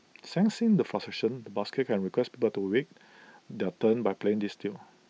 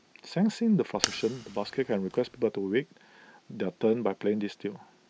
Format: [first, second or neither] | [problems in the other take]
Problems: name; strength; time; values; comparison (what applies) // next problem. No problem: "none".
first | background sound (Fire); 8 dB below the speech